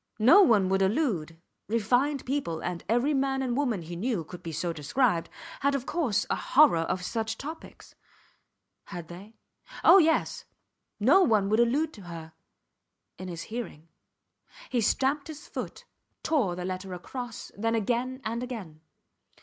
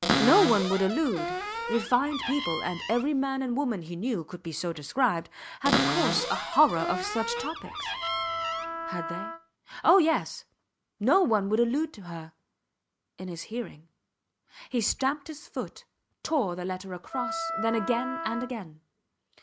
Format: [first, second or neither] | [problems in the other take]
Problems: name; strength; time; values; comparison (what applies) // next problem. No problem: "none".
first | background sound (Cupboard open or close + Wind instrument, woodwind instrument); 2 dB below the speech